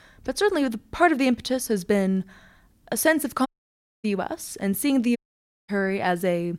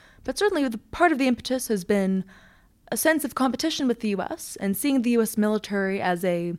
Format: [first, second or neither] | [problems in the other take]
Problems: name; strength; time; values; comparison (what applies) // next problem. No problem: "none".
second | audio cutting out; at 3.5 s for 0.5 s and at 5 s for 0.5 s